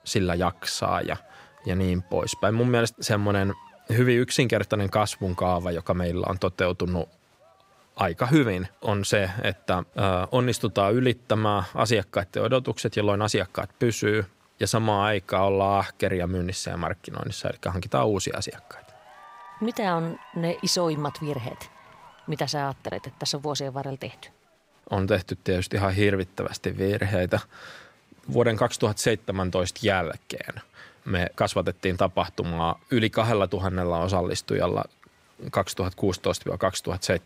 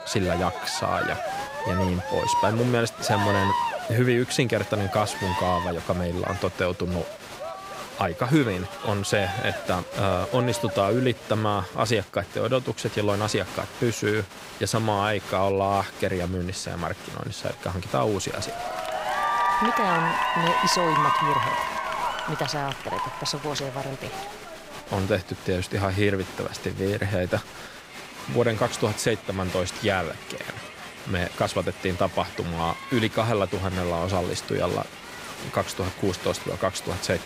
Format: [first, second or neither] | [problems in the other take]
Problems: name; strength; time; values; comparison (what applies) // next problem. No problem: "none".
first | crowd noise; loud; throughout; 4 dB below the speech; faint in the first